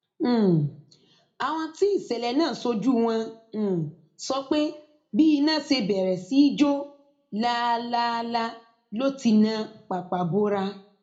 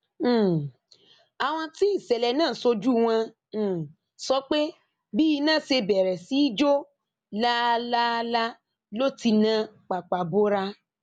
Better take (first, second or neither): second